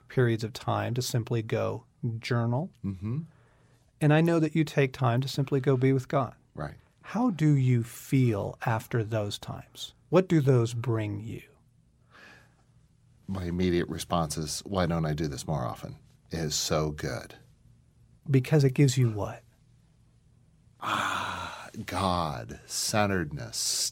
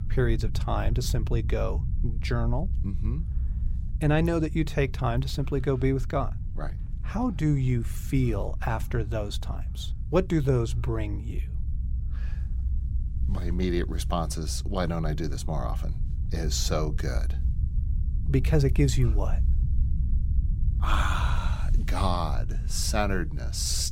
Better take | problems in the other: first | low rumble; noticeable; throughout; 15 dB below the speech

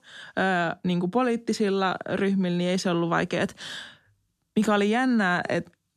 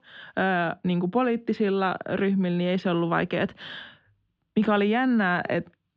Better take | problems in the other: first | muffled; slightly; fading above 3 kHz

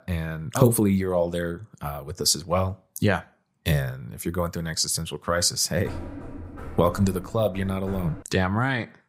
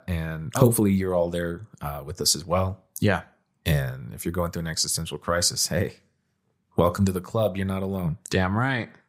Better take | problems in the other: second | door banging; faint; from 6 to 8 s; peak 10 dB below the speech

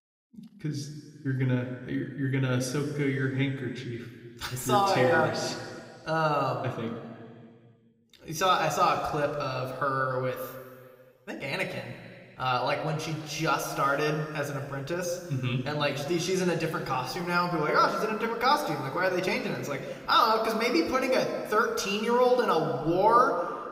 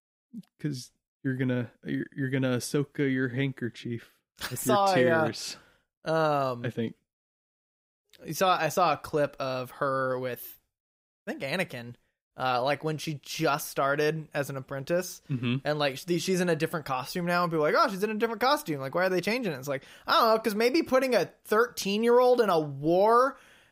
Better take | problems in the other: second | room echo; slight; dies away in 2.1 s

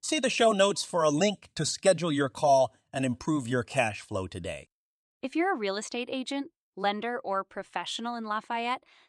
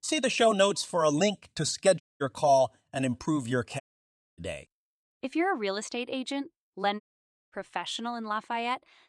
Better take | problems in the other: first | audio cutting out; at 2 s, at 4 s for 0.5 s and at 7 s for 0.5 s

